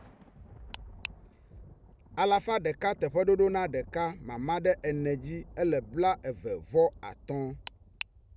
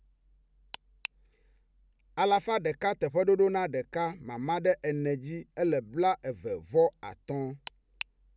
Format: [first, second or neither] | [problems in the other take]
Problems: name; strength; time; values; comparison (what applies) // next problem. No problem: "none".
second | background sound (Thunder); 20 dB below the speech